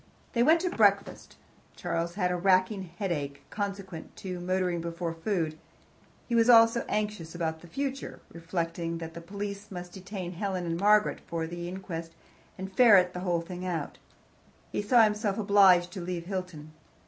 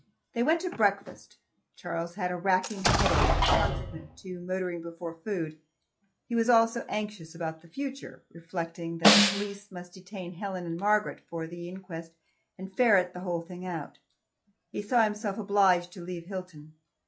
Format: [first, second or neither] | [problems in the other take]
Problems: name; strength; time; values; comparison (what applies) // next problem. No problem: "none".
first | noise reduction (classical method log-MMSE)